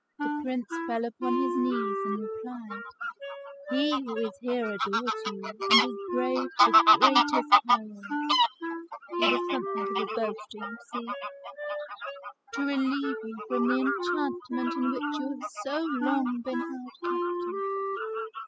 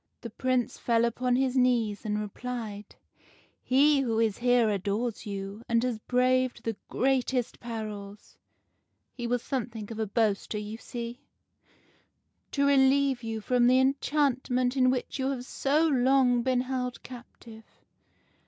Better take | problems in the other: second | noise reduction (classical method spectral subtraction)

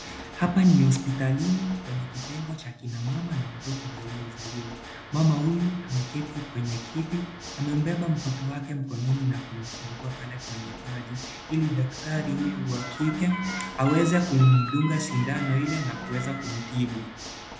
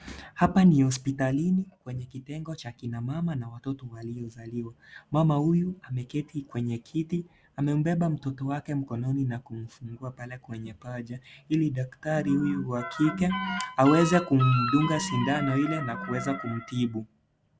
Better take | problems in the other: second | background sound (Water / Mechanisms); 14 dB below the speech // room echo; dies away in 0.7 s

